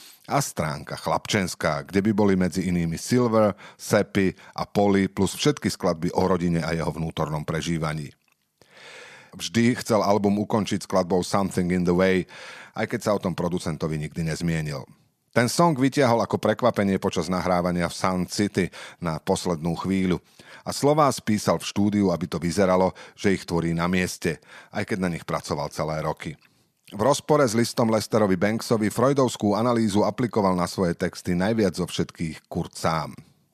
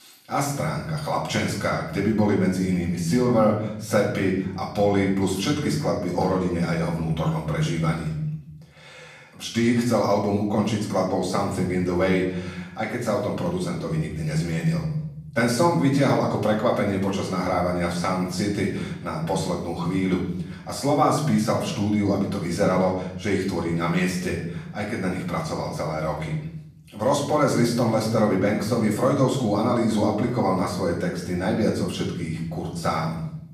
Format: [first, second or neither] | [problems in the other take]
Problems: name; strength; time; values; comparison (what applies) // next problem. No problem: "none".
first | off-mic speech; far // room echo; noticeable; dies away in 1.1 s